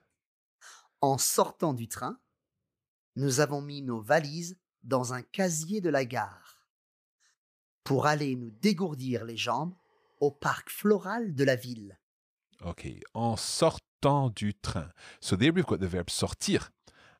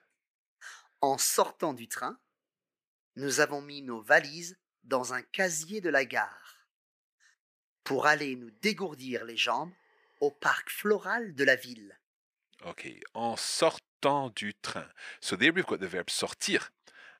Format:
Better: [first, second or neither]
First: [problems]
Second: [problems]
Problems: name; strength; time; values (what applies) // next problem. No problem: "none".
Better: first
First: none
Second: thin; somewhat; fading below 300 Hz